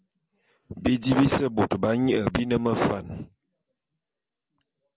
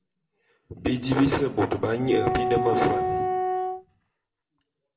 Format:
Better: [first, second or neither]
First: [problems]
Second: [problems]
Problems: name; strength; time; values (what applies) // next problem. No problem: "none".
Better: first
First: none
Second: background sound (Wind instrument, woodwind instrument); 1 dB below the speech // room echo; dies away in 0.7 s